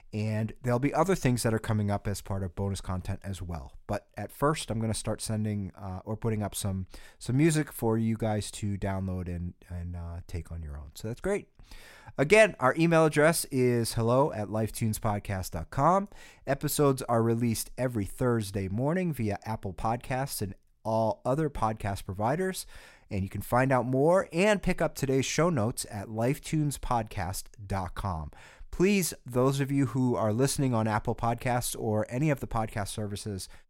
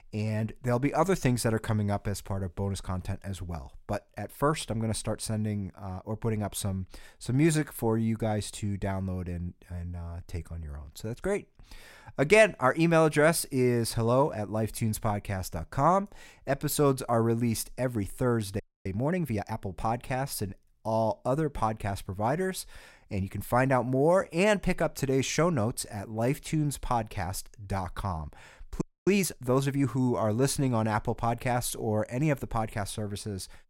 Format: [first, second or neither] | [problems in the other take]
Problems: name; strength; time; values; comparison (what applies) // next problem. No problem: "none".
first | audio freezing; at 19 s and at 29 s